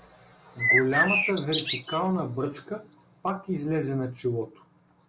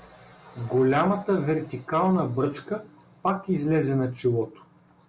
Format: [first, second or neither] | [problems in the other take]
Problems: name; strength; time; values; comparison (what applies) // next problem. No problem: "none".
second | background sound (Bird); 1 dB above the speech